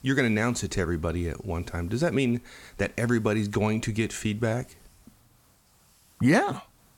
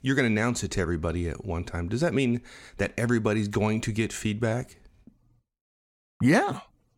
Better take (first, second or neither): second